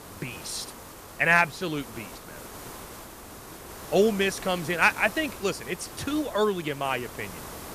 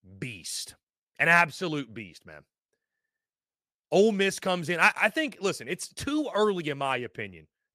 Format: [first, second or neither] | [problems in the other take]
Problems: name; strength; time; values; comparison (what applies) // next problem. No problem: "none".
second | hiss; noticeable; throughout; 15 dB below the speech